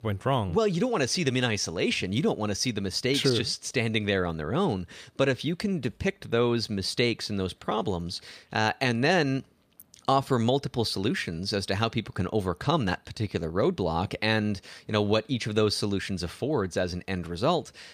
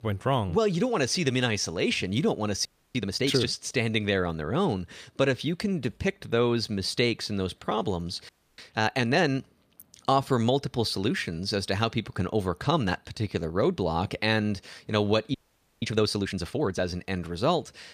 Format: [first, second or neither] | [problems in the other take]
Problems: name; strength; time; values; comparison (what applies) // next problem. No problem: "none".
first | audio freezing; at 2.5 s, at 8.5 s and at 15 s